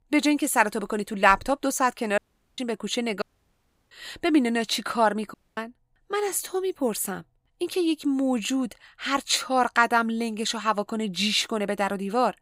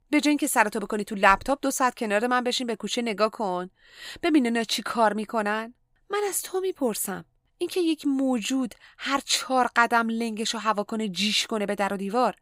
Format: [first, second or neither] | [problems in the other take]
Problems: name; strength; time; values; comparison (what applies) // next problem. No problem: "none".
second | audio cutting out; at 2 s, at 3 s for 0.5 s and at 5.5 s